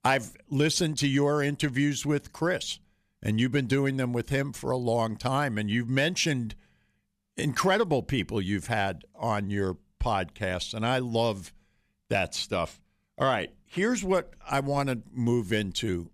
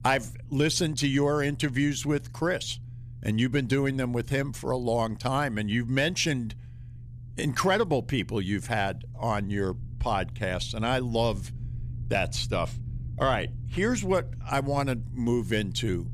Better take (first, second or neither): first